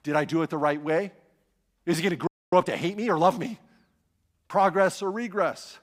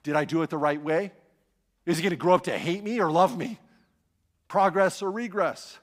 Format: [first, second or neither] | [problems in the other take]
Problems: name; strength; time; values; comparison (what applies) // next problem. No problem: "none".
second | audio freezing; at 2.5 s